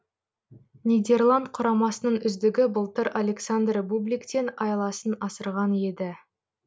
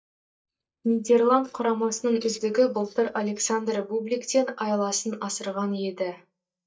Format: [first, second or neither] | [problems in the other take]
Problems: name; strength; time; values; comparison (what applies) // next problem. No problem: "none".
first | noise reduction (neural mask model DeepFilterNet 3)